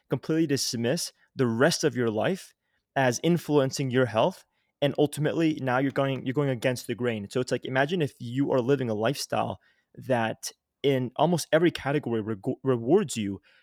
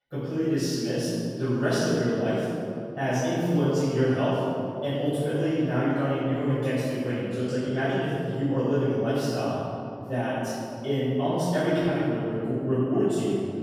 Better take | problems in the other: first | off-mic speech; far // room echo; strong; dies away in 2.4 s

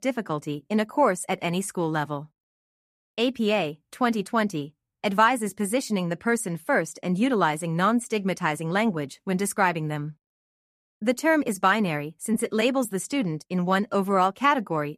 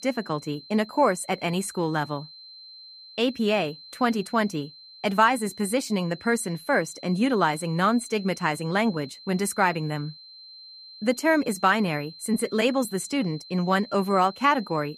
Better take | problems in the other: first | high-pitched whine; noticeable; throughout; 4 kHz, 20 dB below the speech

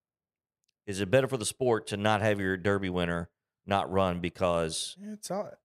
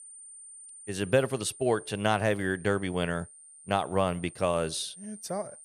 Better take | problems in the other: first | high-pitched whine; noticeable; throughout; 9 kHz, 15 dB below the speech

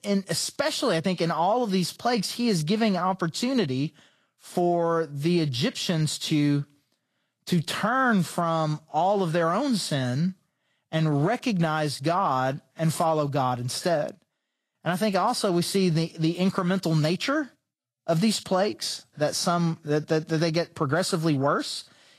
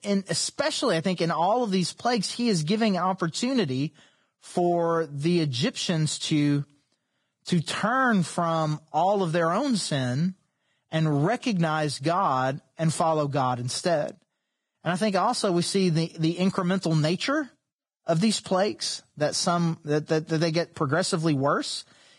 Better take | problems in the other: first | garbled, watery; badly; nothing above 10 kHz; slightly in the first

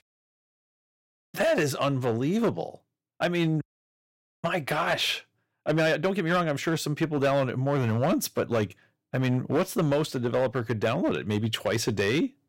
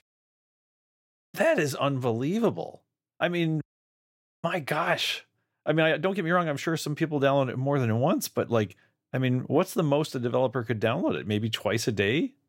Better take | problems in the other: second | distortion; slight; 5% of the sound clipped

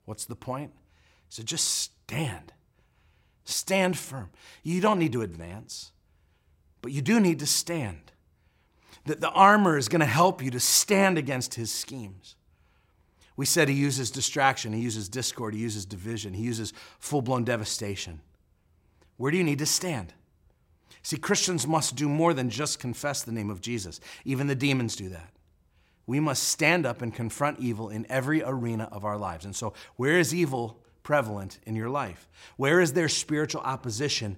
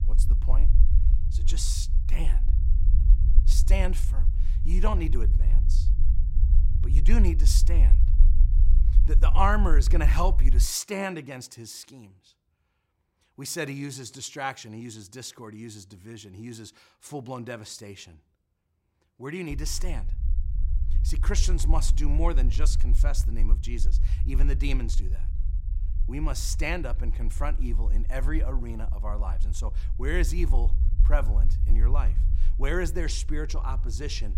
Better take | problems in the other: first | low rumble; noticeable; until 11 s and from 20 s on; 15 dB below the speech

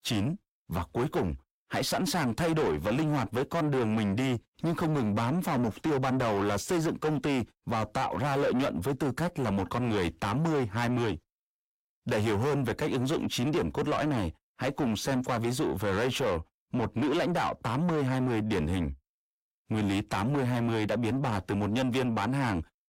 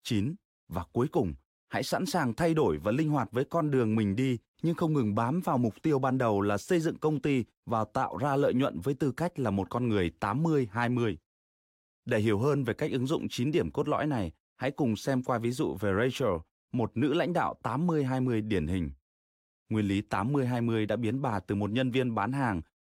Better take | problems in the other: second | distortion; heavy; 8 dB below the speech

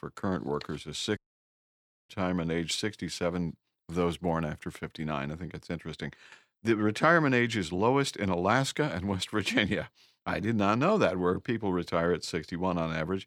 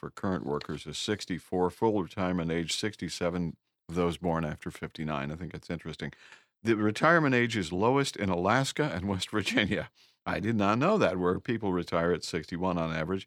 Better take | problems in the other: second | audio cutting out; at 1 s for 1 s

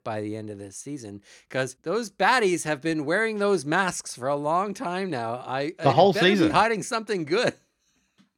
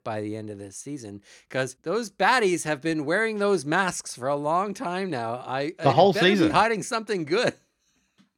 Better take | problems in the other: neither | none

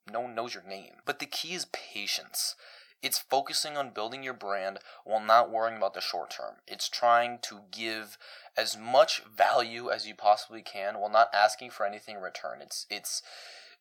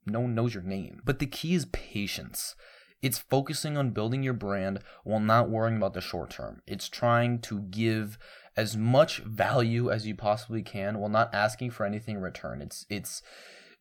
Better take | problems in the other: second | thin; very; fading below 600 Hz

